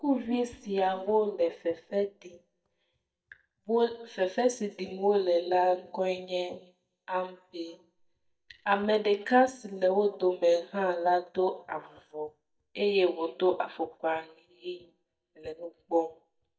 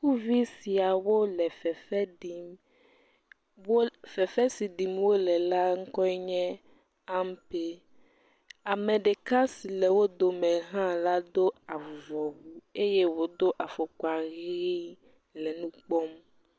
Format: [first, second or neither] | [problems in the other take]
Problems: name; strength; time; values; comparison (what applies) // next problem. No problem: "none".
second | noise reduction (neural mask model DeepFilterNet 3)